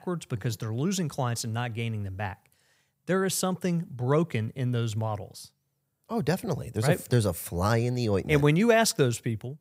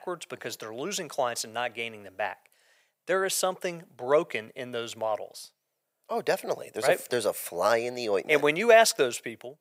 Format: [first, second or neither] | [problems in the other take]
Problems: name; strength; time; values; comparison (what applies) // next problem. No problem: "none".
first | thin; very; fading below 500 Hz